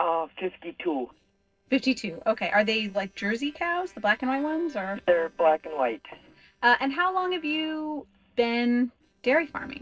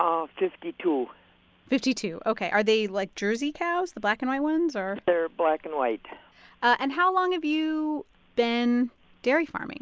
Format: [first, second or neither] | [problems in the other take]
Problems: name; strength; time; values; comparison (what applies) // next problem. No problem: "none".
second | noise reduction (neural separator model SepFormer DNS4)